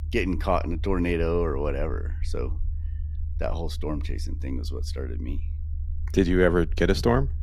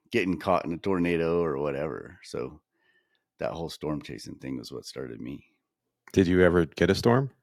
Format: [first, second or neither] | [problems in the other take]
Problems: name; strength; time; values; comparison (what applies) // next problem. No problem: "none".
second | low rumble; faint; throughout; 25 dB below the speech